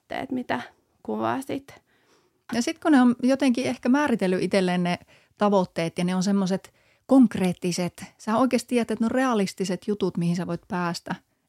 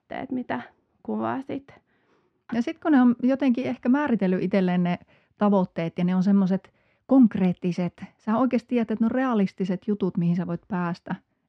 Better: first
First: none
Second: muffled; slightly; fading above 2.5 kHz

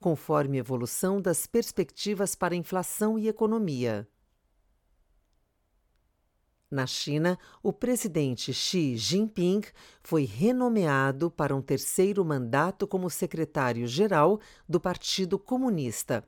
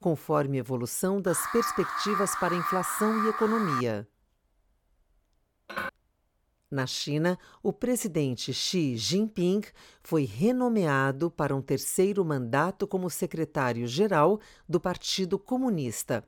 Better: first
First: none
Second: alarm; noticeable; from 1.5 to 4 s; peak 2 dB below the speech // clattering dishes; noticeable; at 5.5 s; peak 7 dB below the speech

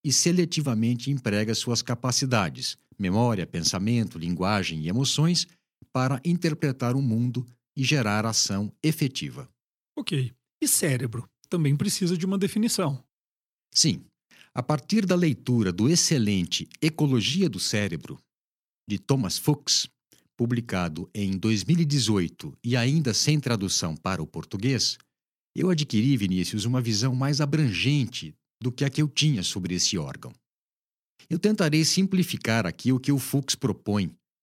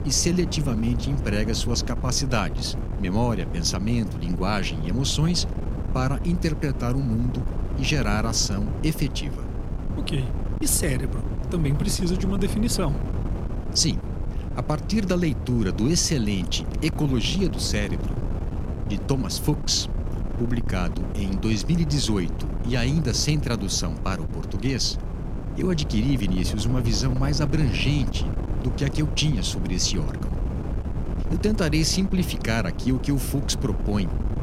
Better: first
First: none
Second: wind noise on the microphone; occasional gusts; 10 dB below the speech

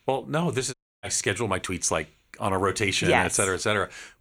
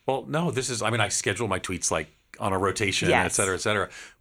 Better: second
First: audio cutting out; at 0.5 s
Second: none

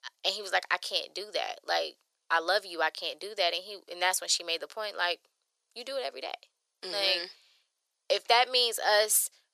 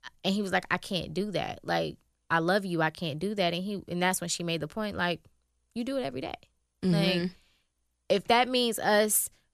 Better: second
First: thin; very; fading below 500 Hz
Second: none

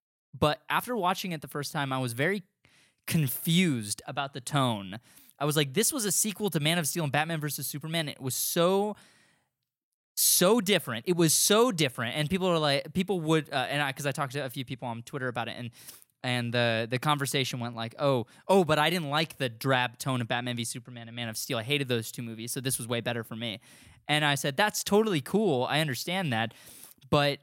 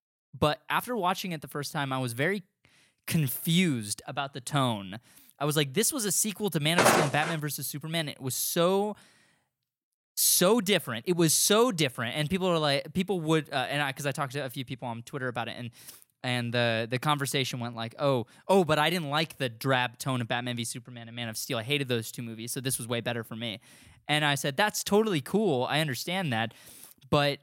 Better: first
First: none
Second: footsteps; loud; at 7 s; peak 5 dB above the speech

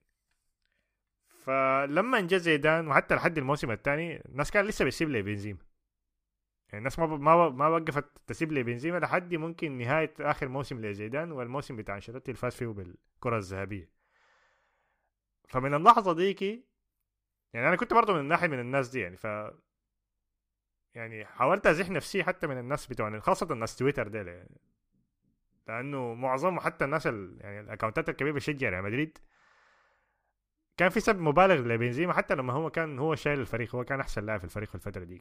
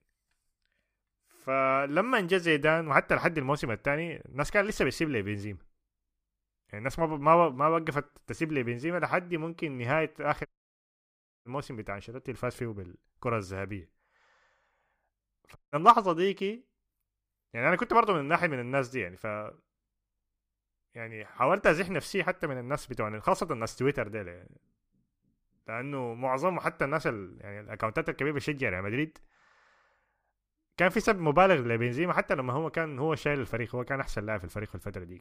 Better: first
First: none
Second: audio cutting out; at 10 s for 1 s and at 16 s

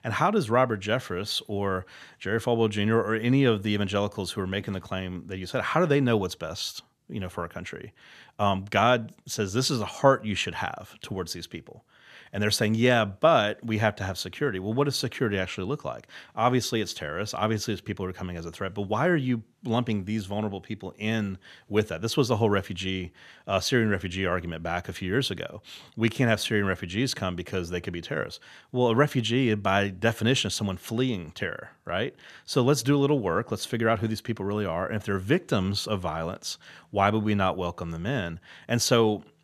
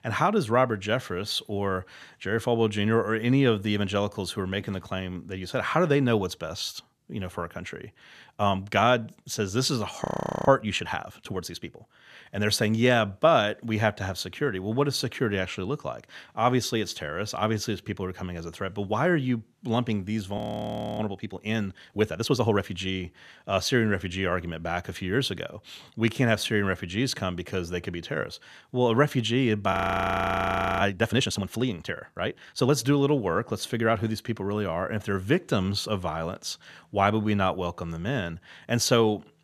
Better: first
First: none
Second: audio freezing; at 10 s, at 20 s for 0.5 s and at 30 s for 1 s

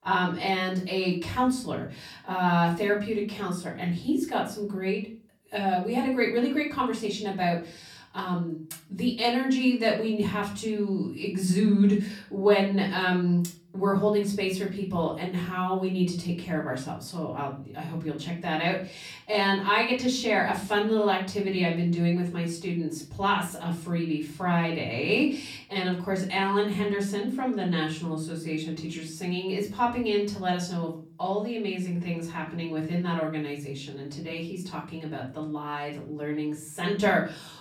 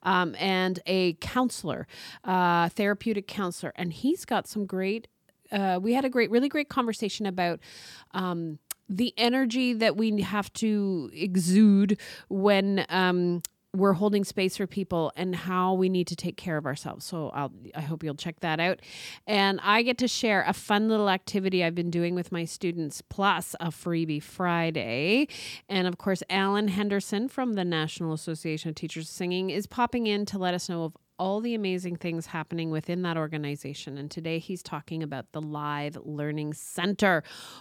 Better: second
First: off-mic speech; far // room echo; slight; dies away in 0.4 s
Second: none

